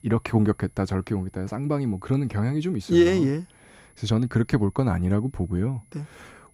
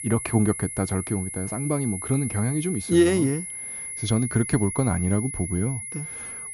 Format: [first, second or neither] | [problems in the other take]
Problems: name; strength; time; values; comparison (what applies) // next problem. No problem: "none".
first | high-pitched whine; loud; throughout; 10.5 kHz, 7 dB below the speech; faint in the first